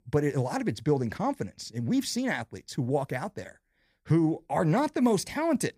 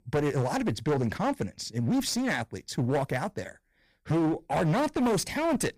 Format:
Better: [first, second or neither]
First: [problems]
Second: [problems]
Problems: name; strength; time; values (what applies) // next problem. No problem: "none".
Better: first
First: none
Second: distortion; heavy; 16% of the sound clipped